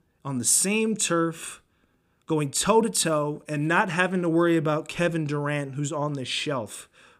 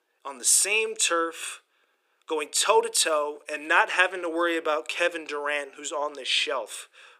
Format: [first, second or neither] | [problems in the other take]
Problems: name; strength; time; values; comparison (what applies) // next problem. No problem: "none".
first | thin; very; fading below 400 Hz